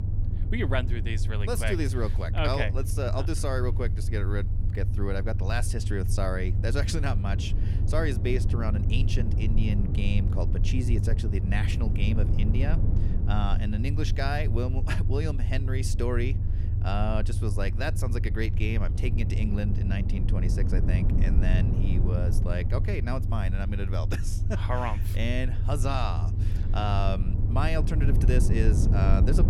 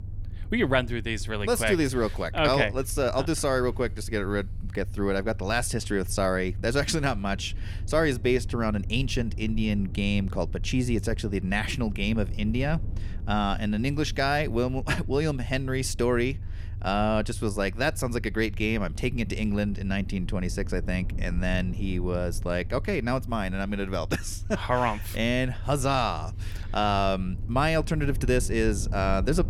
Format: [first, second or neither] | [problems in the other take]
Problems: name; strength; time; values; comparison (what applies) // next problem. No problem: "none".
second | low rumble; loud; throughout; 8 dB below the speech; faint in the second